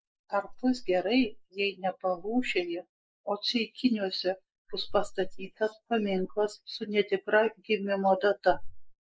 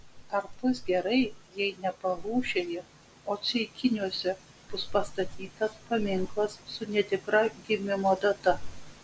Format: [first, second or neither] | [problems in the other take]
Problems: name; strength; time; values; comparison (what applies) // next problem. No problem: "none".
second | noise reduction (neural mask model Resemble Enhance denoiser)